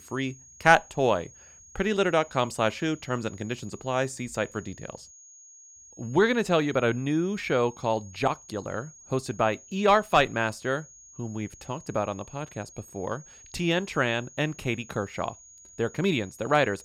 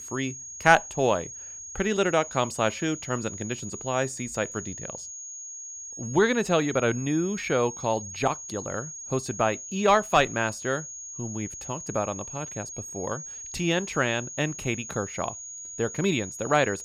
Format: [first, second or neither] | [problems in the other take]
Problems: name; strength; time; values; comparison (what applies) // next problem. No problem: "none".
first | high-pitched whine; loud; throughout; 6.5 kHz, 10 dB below the speech; faint in the first